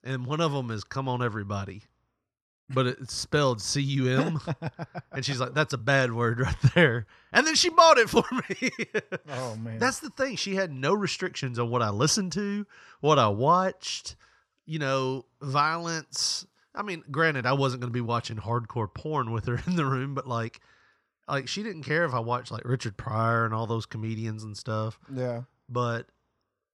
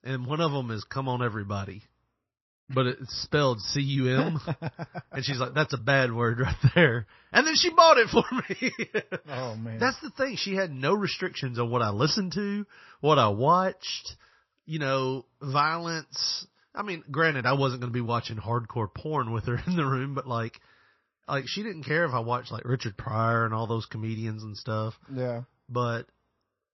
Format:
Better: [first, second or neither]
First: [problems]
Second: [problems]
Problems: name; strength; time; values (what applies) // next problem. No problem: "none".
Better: first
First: none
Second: garbled, watery; slightly; nothing above 5.5 kHz